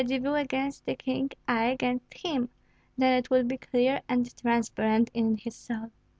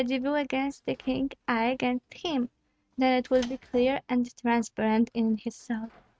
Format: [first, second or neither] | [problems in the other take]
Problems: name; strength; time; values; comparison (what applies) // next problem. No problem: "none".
first | noise reduction (neural mask model RNNoise)